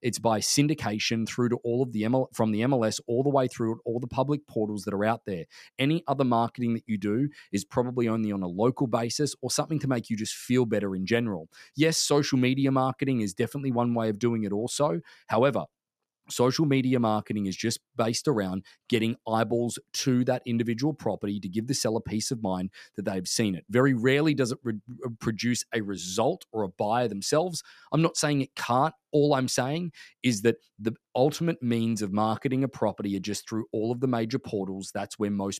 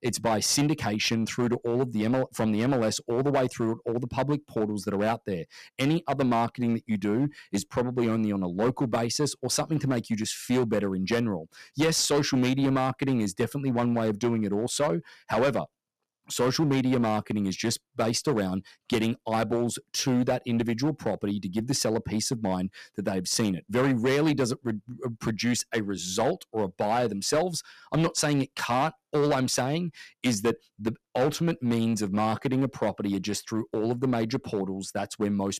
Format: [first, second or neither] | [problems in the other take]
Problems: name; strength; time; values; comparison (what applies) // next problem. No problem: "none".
first | distortion; slight; 7% of the sound clipped